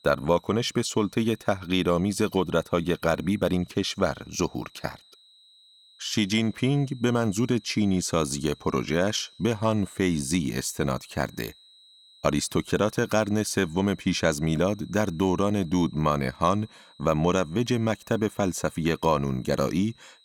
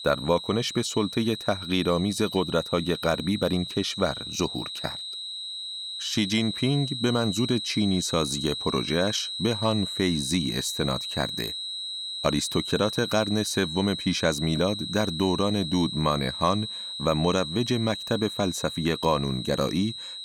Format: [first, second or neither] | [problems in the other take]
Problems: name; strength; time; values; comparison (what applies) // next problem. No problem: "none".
first | high-pitched whine; loud; throughout; 4 kHz, 6 dB below the speech; faint in the first